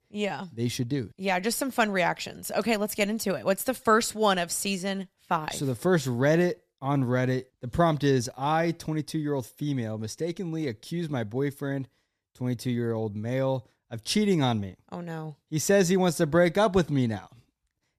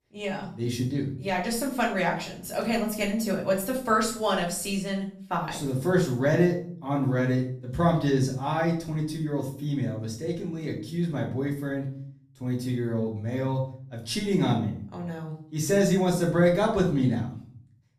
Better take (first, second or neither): first